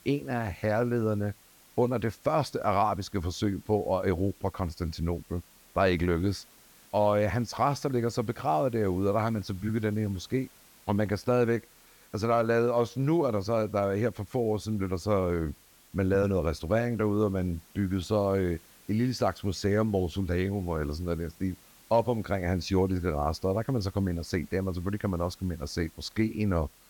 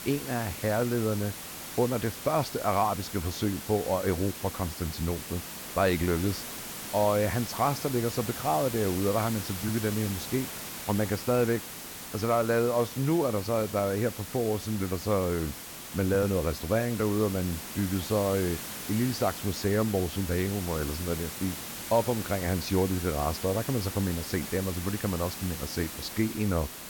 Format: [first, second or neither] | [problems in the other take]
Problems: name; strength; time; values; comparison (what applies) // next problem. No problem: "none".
first | hiss; loud; throughout; 8 dB below the speech; faint in the first